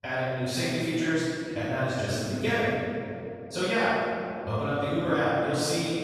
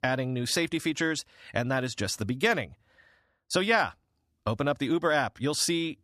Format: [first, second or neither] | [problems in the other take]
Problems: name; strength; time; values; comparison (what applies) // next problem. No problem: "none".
second | room echo; strong; dies away in 2.7 s // off-mic speech; far